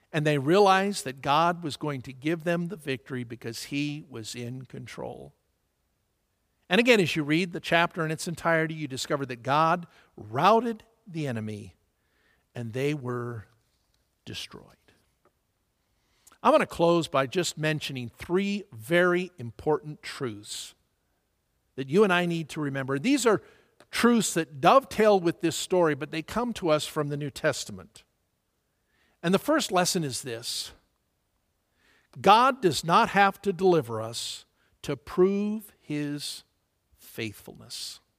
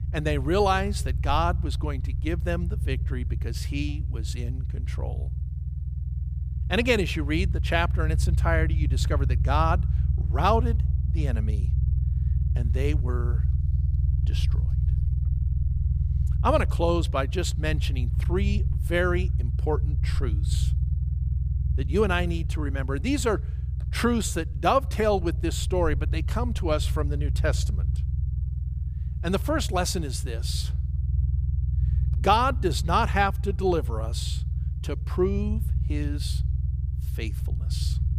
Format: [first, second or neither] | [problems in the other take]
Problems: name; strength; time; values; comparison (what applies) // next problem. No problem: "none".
first | low rumble; noticeable; throughout; 15 dB below the speech